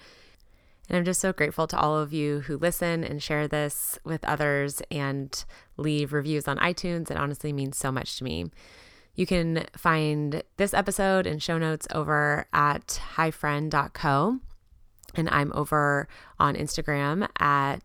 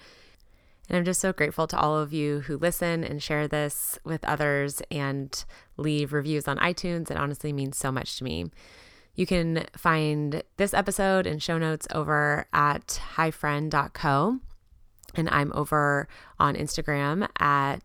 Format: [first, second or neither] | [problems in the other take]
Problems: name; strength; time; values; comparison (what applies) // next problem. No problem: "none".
neither | none